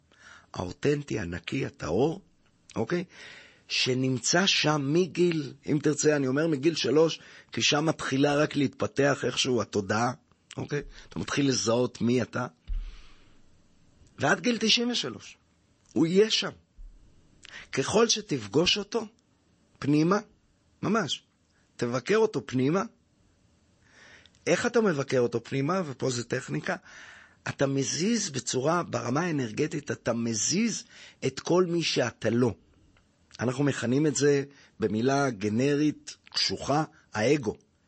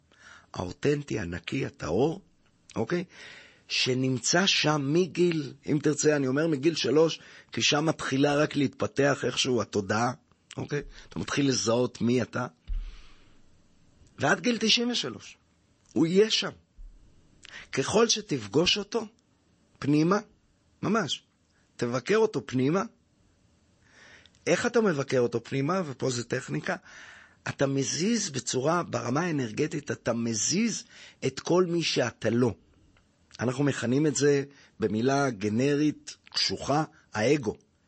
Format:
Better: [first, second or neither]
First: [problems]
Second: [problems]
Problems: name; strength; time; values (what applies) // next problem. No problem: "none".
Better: neither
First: garbled, watery; slightly; nothing above 8 kHz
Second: garbled, watery; slightly; nothing above 8 kHz